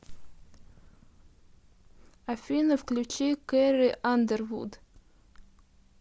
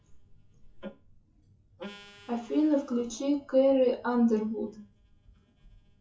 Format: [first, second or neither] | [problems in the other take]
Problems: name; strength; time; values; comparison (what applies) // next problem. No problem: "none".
first | noise reduction (classical method WPE with log-MMSE)